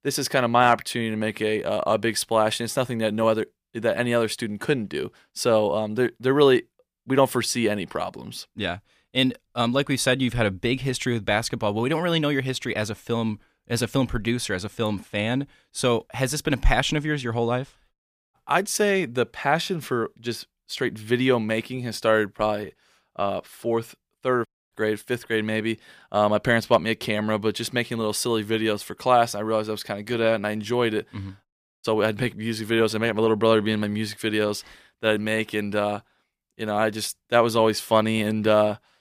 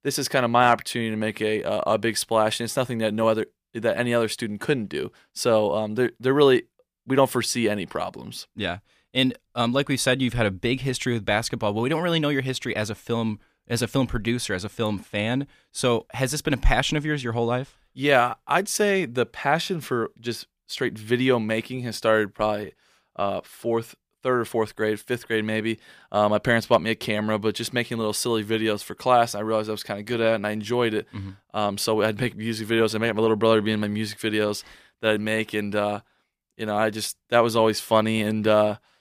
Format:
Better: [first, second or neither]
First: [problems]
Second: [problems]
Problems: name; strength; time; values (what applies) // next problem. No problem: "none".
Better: second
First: audio cutting out; at 18 s, at 24 s and at 31 s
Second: none